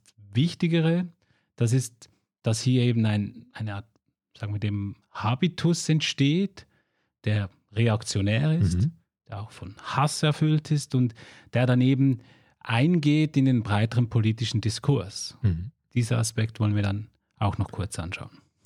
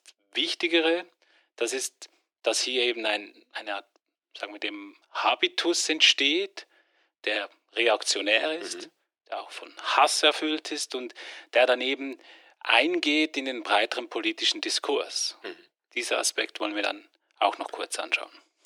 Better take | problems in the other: first | thin; very; fading below 300 Hz

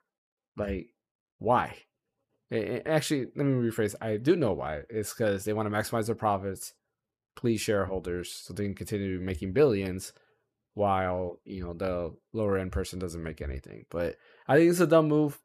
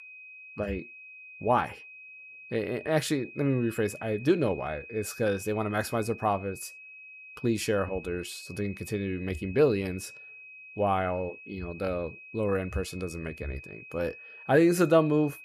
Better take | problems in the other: first | high-pitched whine; noticeable; throughout; 2.5 kHz, 15 dB below the speech

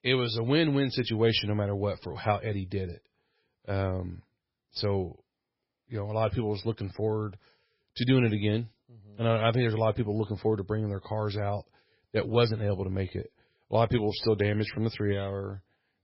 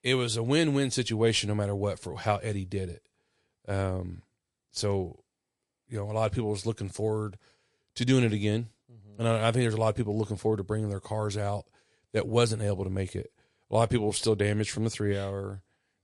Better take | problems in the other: second | garbled, watery; badly; nothing above 5.5 kHz; slightly in the second

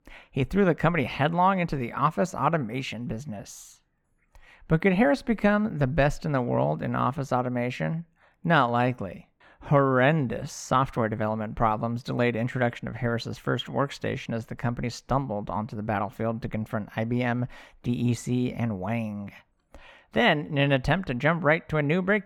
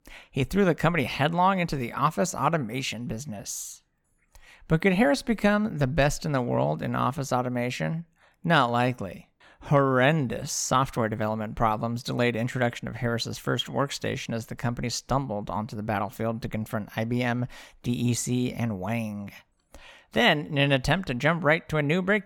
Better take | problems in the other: second | muffled; slightly; fading above 3.5 kHz

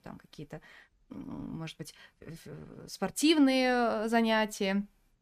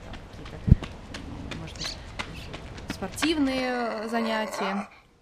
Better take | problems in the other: first | animal sounds; loud; throughout; 2 dB below the speech

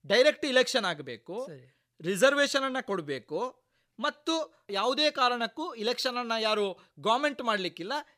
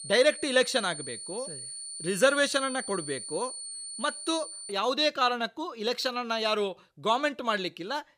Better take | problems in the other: first | high-pitched whine; loud; until 4.5 s; 9 kHz, 9 dB below the speech

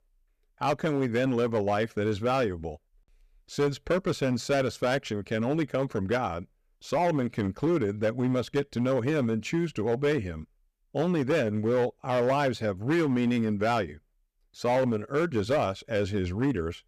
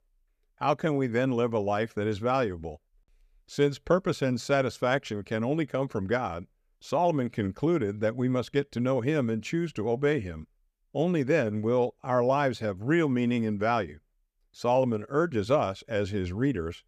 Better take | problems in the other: second | distortion; slight; 8% of the sound clipped

